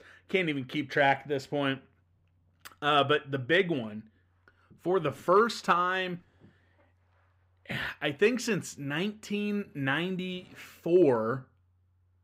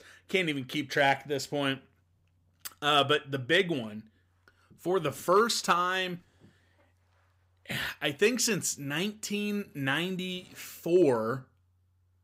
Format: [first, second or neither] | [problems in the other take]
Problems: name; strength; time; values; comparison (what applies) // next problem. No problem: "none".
second | muffled; slightly; fading above 4 kHz